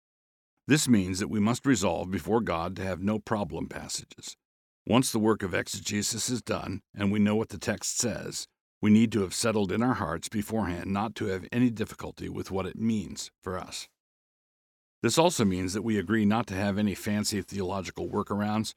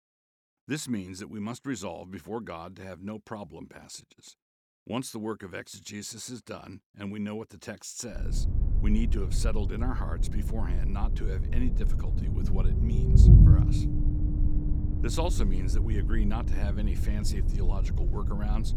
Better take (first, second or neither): first